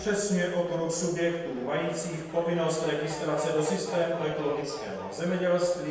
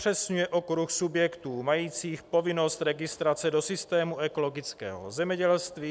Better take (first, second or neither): second